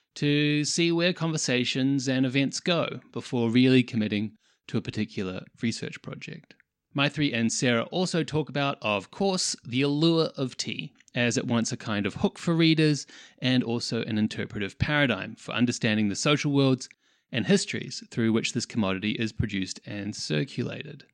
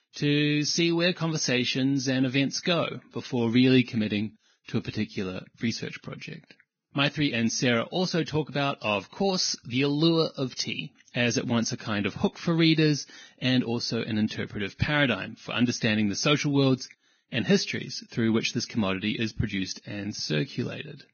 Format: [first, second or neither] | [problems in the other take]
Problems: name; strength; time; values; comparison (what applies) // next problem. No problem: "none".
first | garbled, watery; badly; nothing above 6.5 kHz